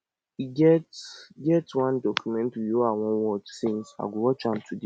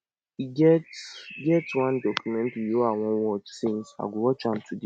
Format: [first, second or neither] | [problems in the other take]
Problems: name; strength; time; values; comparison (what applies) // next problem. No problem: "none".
first | noise reduction (neural mask model RNNoise)